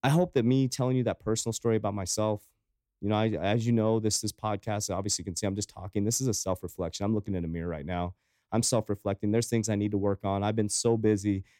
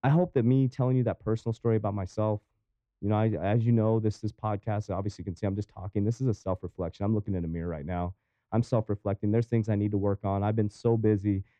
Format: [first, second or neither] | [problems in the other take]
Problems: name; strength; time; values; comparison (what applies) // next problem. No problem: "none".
first | muffled; very; fading above 2 kHz